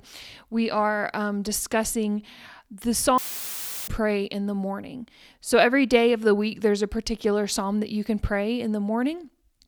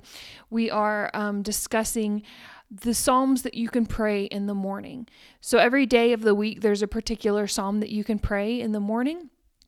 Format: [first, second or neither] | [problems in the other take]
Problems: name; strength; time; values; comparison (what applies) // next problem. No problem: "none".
second | audio cutting out; filled with static; at 3 s for 0.5 s